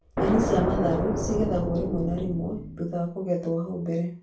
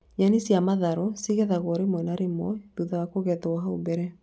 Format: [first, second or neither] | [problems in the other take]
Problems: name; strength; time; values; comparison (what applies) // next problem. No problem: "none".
second | background sound (Explosion); 1 dB below the speech // room echo; dies away in 0.3 s